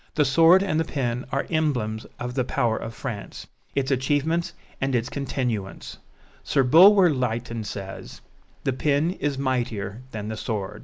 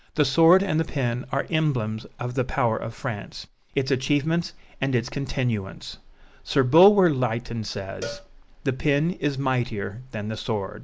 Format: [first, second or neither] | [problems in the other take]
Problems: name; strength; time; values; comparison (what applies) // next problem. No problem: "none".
first | background sound (Cowbell); 18 dB below the speech